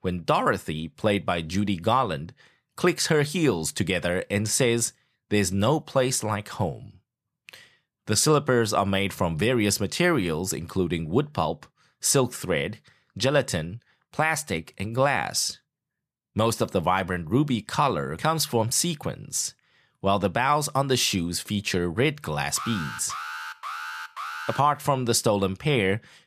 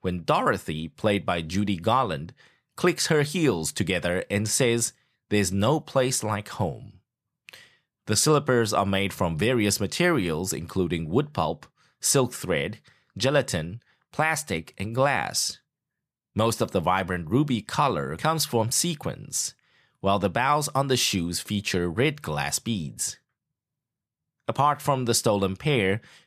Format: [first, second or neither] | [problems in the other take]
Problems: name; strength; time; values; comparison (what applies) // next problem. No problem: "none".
second | alarm; noticeable; from 23 to 25 s; peak 8 dB below the speech